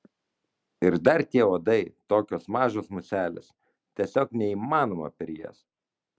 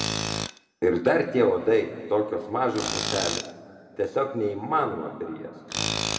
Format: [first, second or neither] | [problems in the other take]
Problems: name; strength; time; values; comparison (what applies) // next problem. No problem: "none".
first | background sound (Tools); 7 dB below the speech // room echo; dies away in 1.9 s